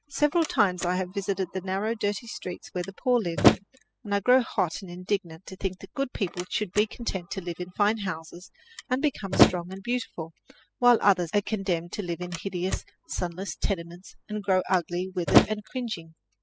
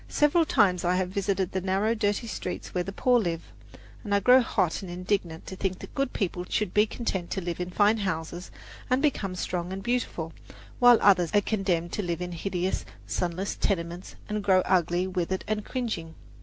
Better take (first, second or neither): second